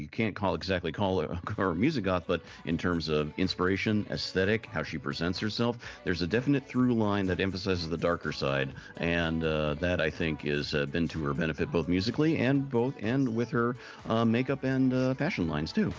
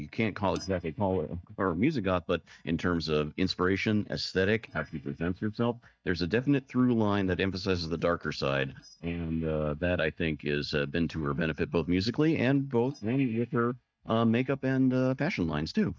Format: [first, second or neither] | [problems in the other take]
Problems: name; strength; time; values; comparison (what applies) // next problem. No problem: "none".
first | noise reduction (neural mask model DeepFilterNet 3)